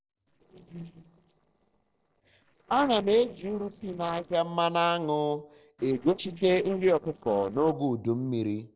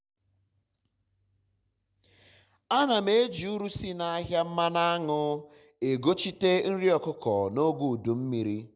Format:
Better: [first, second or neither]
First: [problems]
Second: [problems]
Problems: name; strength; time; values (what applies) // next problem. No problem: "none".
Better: second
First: noise reduction (neural separator model SepFormer DNS4)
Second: none